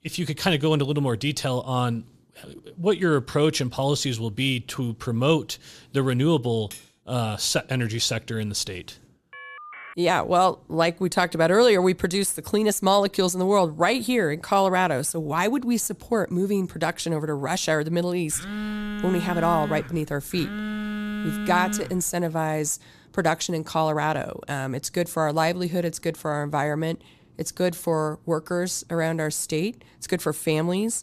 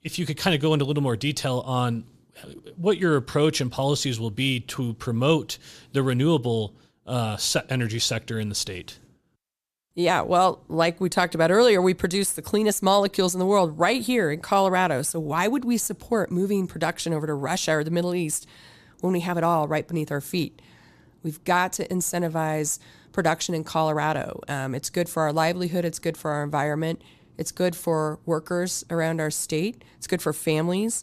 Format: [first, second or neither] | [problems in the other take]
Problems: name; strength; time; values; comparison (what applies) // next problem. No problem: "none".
second | clattering dishes; faint; at 6.5 s; peak 20 dB below the speech // phone ringing; faint; at 9.5 s; peak 15 dB below the speech // phone ringing; noticeable; from 18 to 22 s; peak 4 dB below the speech